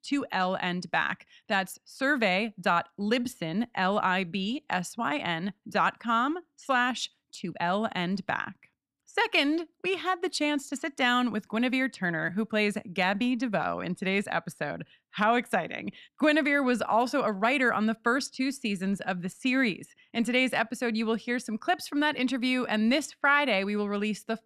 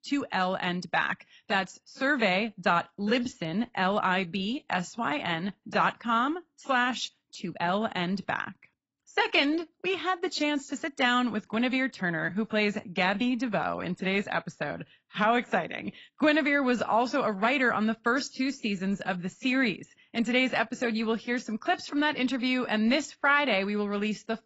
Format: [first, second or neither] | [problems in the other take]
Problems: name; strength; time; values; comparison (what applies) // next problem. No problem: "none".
first | garbled, watery; badly; nothing above 7.5 kHz